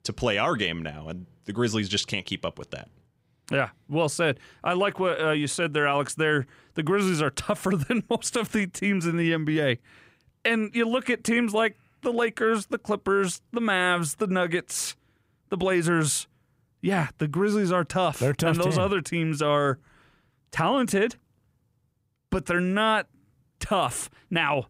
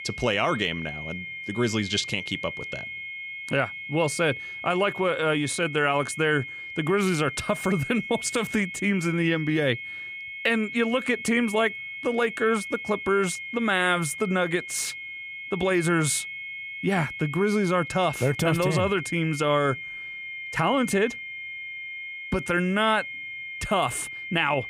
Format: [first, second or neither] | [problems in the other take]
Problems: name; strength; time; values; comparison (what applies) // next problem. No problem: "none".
first | high-pitched whine; loud; throughout; 2 kHz, 9 dB below the speech